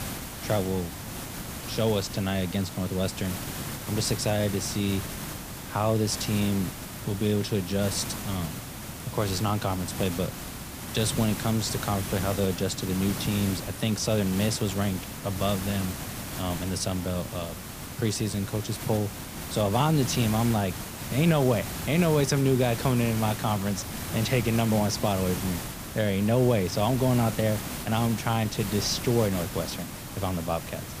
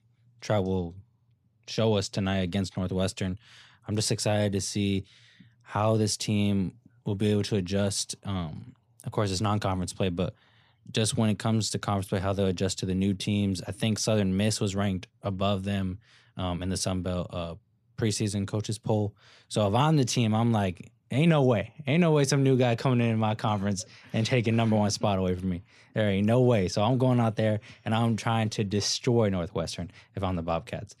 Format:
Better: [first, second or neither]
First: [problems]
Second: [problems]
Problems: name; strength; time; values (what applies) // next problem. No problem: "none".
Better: second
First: hiss; loud; throughout; 8 dB below the speech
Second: none